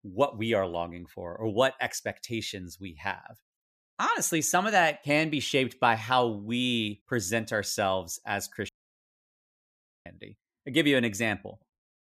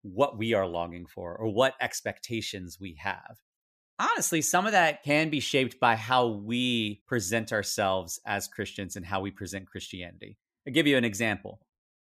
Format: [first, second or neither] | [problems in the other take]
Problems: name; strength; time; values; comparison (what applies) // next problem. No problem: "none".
second | audio cutting out; at 8.5 s for 1.5 s